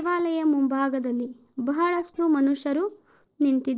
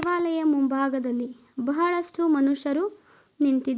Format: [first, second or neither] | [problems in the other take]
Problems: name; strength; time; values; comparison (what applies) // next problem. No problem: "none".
second | noise reduction (neural separator model SepFormer DNS4)